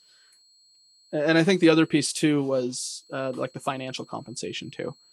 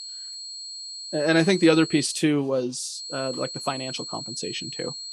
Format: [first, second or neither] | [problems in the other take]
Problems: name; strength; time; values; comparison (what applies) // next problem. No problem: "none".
first | high-pitched whine; loud; until 2 s and from 3 s on; 4 kHz, 10 dB below the speech; faint in the first